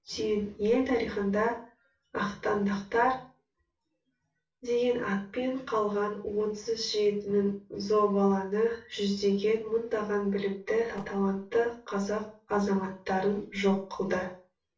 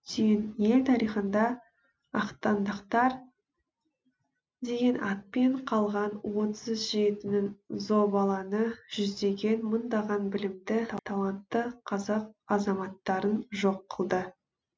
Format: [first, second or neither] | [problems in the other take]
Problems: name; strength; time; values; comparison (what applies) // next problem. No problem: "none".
second | room echo; dies away in 0.3 s